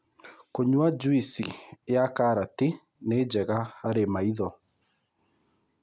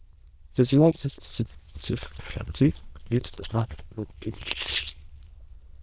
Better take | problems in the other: first | noise reduction (neural diffusion model UNIVERSE++)

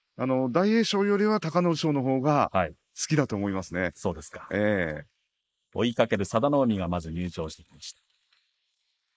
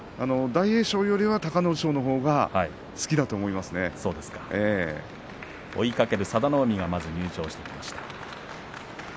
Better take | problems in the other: second | noise reduction (neural mask model Resemble Enhance denoiser)

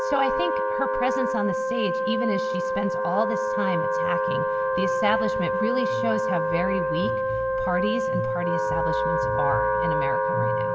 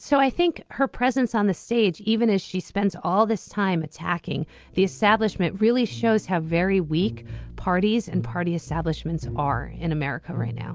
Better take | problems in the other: second | background sound (Wind instrument, woodwind instrument); 4 dB above the speech // room echo; dies away in 1.5 s

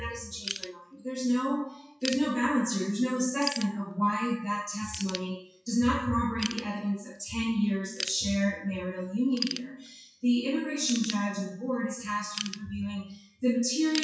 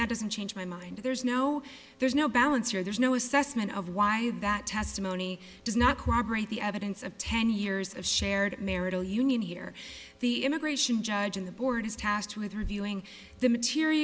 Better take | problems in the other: second | noise reduction (classical method WPE with log-MMSE)

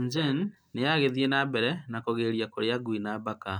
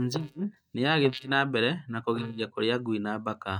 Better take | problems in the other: first | noise reduction (neural mask model DeepFilterNet 3)

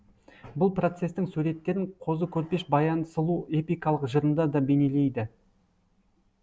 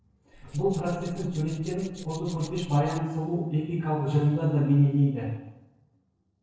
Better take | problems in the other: first | noise reduction (neural separator model SepFormer DNS4)

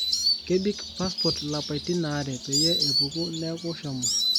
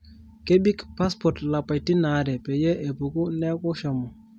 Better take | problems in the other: second | background sound (Insect); 2 dB above the speech

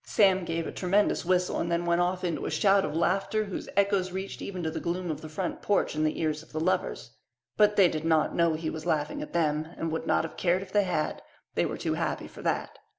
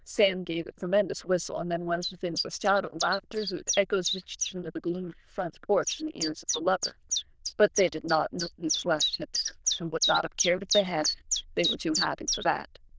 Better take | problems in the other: first | noise reduction (neural diffusion model UNIVERSE++)

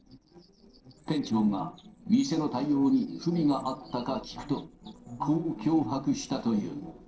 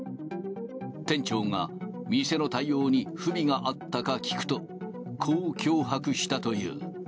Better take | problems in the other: second | noise reduction (neural separator model SepFormer DNS4)

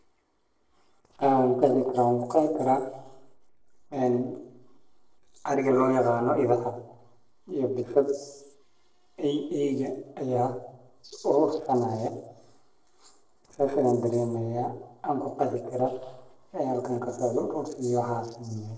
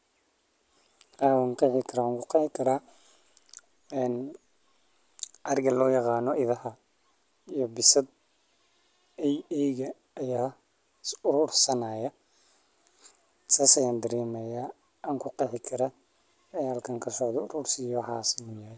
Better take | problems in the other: second | noise reduction (neural separator model SepFormer DNS4)

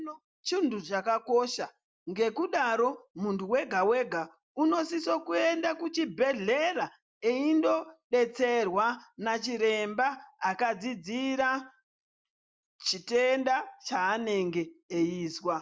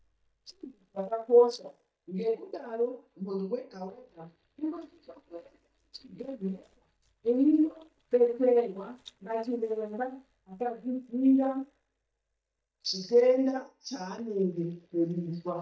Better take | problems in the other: first | noise reduction (neural mask model DeepFilterNet 3)

